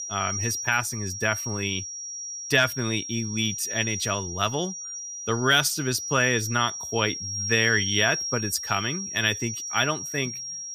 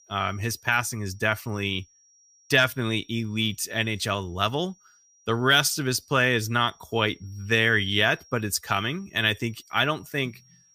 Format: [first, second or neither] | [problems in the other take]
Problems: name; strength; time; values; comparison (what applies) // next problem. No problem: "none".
second | high-pitched whine; loud; throughout; 5.5 kHz, 5 dB below the speech; faint in the second